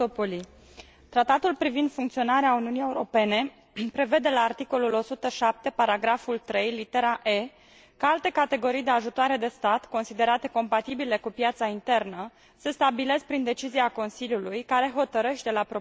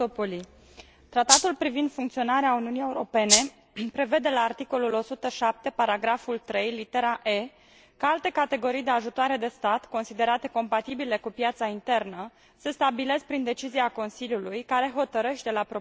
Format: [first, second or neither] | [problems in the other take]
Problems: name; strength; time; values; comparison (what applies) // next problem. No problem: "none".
first | background sound (Rattle (instrument)); 5 dB above the speech